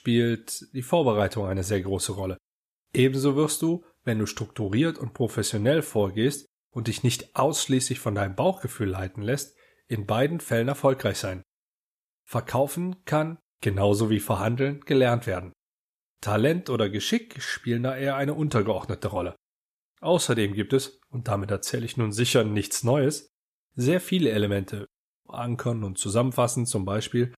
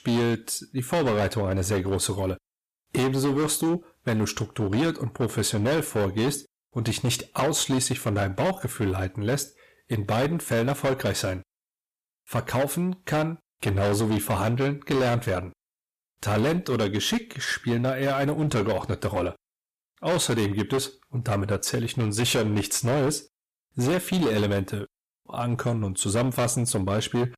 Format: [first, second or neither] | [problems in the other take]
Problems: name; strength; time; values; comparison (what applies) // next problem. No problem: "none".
first | distortion; heavy; 15% of the sound clipped